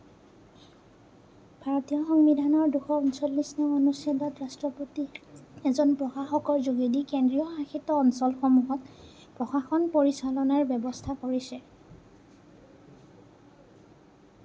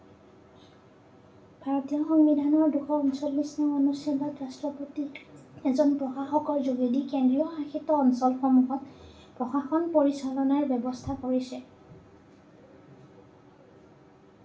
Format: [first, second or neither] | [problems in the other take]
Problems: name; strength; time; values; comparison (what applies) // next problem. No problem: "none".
first | room echo; dies away in 0.3 s